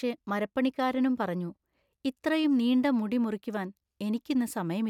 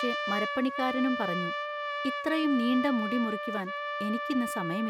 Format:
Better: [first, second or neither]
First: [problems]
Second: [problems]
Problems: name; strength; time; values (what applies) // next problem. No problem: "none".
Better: first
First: none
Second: background sound (Trumpet); 3 dB below the speech